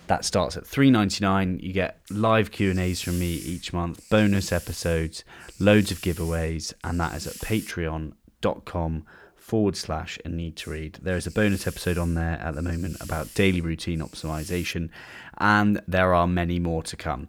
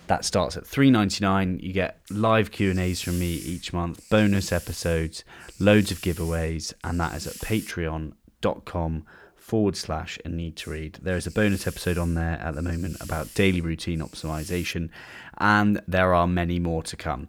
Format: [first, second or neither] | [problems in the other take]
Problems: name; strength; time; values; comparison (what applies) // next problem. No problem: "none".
neither | hiss; noticeable; from 2 to 7.5 s and from 11 to 15 s; 15 dB below the speech; the same in both